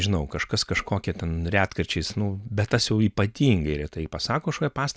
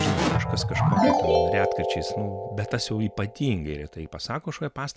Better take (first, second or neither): first